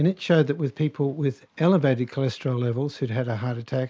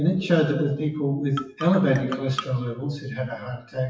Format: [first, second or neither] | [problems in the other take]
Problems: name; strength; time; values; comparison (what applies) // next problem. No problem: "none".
first | noise reduction (classical method WPE with log-MMSE)